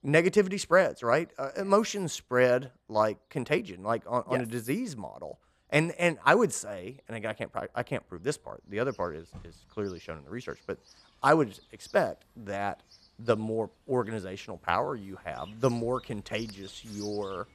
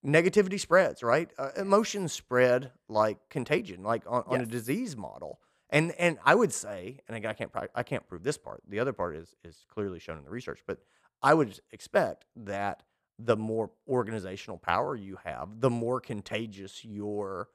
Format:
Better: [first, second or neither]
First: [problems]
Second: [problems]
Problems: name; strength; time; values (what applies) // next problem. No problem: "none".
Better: second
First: animal sounds; faint; throughout; 25 dB below the speech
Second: none